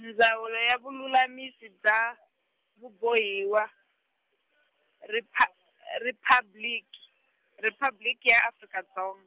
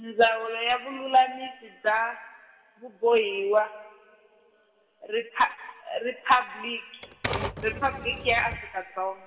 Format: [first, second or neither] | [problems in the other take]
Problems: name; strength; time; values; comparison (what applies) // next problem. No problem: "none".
first | background sound (Typewriter); 8 dB below the speech // room echo; dies away in 2.5 s